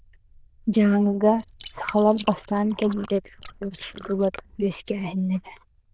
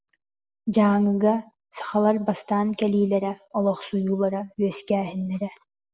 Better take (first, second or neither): second